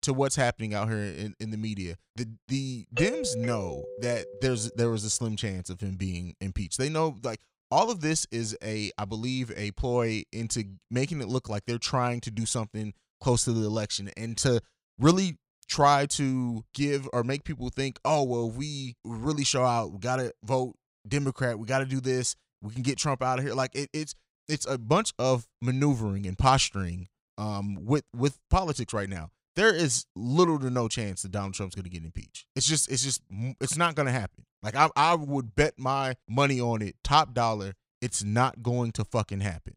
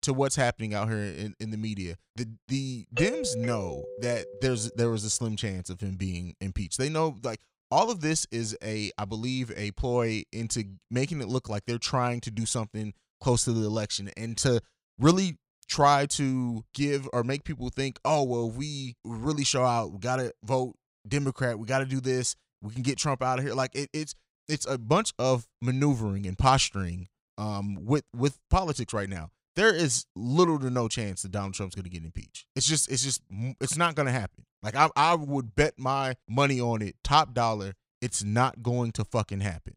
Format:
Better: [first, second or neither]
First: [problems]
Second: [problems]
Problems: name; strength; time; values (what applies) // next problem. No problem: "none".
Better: neither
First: doorbell; noticeable; from 3 to 4.5 s; peak 3 dB below the speech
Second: doorbell; noticeable; from 3 to 4.5 s; peak 3 dB below the speech